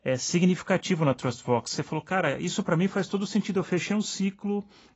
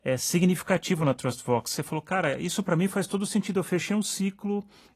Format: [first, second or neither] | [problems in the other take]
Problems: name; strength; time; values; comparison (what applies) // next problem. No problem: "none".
second | garbled, watery; badly; nothing above 7.5 kHz; slightly in the second